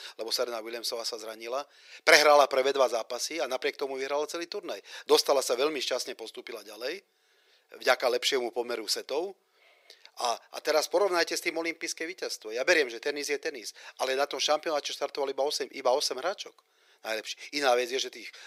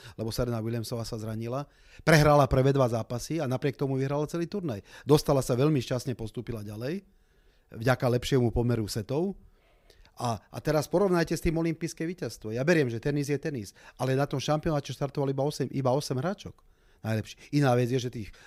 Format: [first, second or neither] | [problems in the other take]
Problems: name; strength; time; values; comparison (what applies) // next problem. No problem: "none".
second | thin; very; fading below 400 Hz